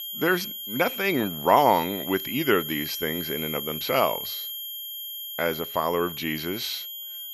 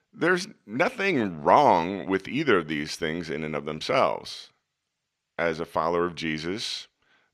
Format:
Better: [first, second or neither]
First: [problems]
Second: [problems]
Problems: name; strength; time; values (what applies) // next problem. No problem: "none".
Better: second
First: high-pitched whine; loud; throughout; 3 kHz, 6 dB below the speech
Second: none